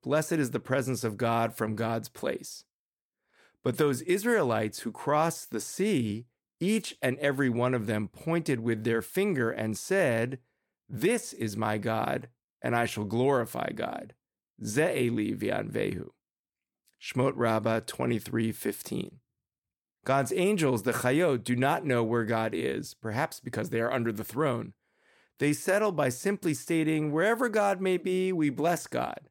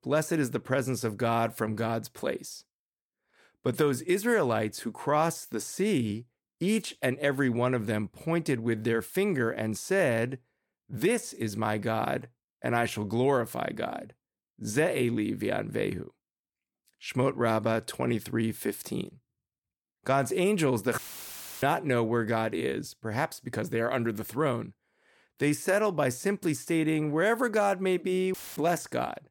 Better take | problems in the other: first | audio cutting out; filled with static; at 21 s for 0.5 s and at 28 s

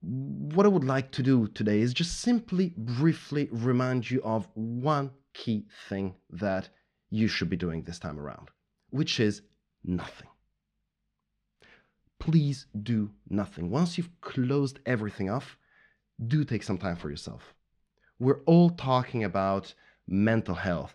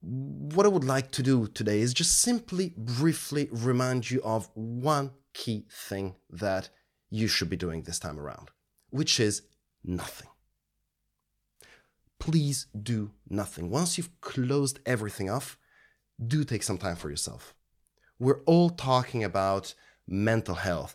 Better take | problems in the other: second | muffled; slightly; fading above 3 kHz

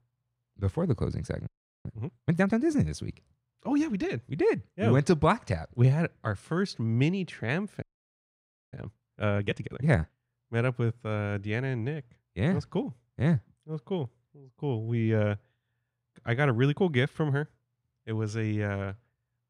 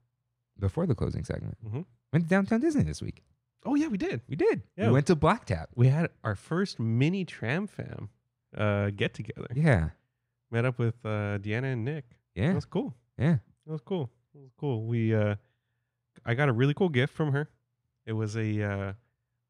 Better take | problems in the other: second | audio freezing; at 1.5 s and at 8 s for 1 s

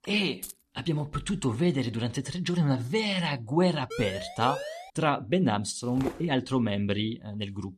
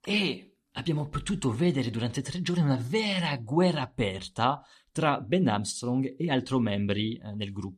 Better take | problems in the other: second | jangling keys; faint; at 0.5 s; peak 10 dB below the speech // siren; noticeable; from 4 to 5 s; peak 7 dB below the speech // footsteps; noticeable; at 6 s; peak 9 dB below the speech

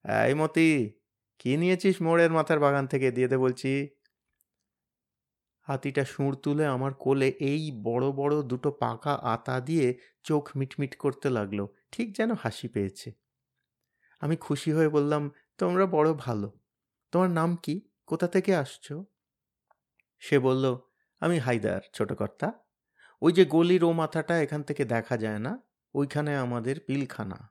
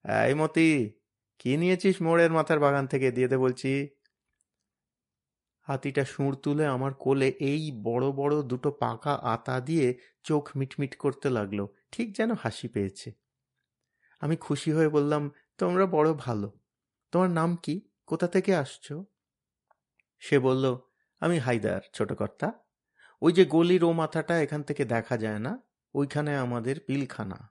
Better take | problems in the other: first | garbled, watery; slightly; nothing above 10.5 kHz

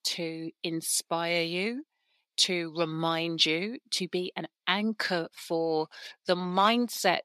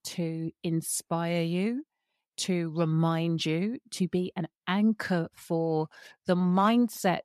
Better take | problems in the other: second | thin; somewhat; fading below 300 Hz

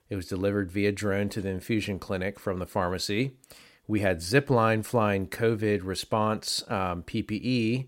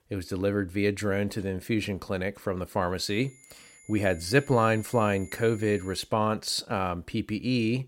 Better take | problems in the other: first | high-pitched whine; faint; from 3 to 6 s; 2 kHz, 20 dB below the speech

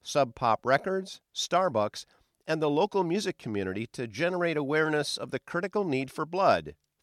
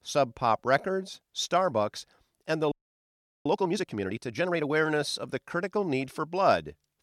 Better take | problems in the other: first | audio freezing; at 2.5 s for 0.5 s

